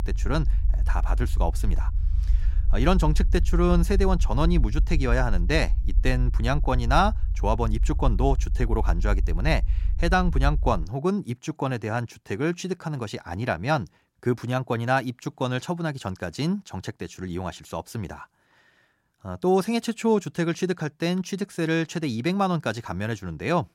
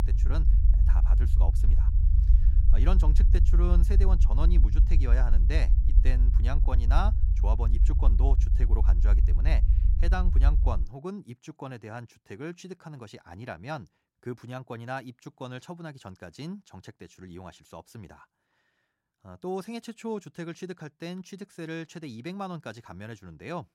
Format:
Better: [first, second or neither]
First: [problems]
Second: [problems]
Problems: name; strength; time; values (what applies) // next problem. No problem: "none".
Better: first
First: low rumble; faint; until 11 s; 20 dB below the speech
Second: low rumble; loud; until 11 s; 6 dB below the speech